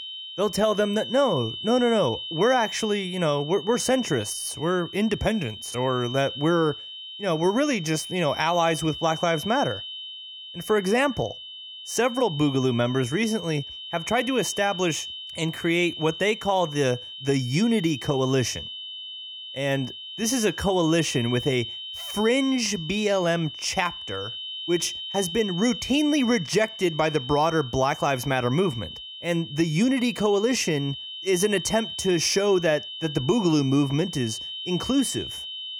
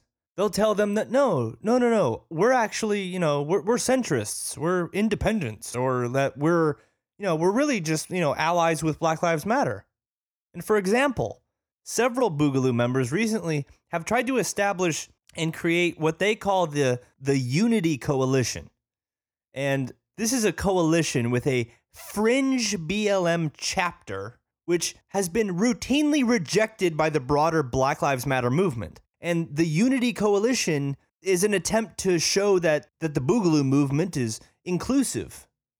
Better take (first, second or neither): second